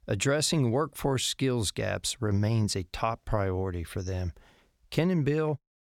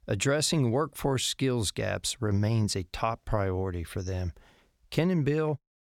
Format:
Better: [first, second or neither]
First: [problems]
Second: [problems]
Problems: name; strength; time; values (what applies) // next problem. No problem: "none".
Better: neither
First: none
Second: none